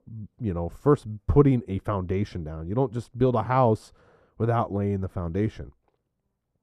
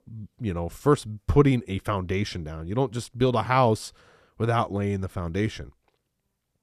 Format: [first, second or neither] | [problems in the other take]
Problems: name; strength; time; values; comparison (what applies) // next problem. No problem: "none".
second | muffled; slightly; fading above 1.5 kHz